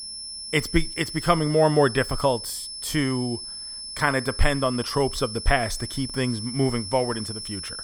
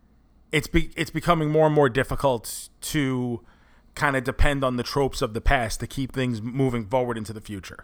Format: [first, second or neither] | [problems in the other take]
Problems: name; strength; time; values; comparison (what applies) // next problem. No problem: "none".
second | high-pitched whine; loud; throughout; 5.5 kHz, 8 dB below the speech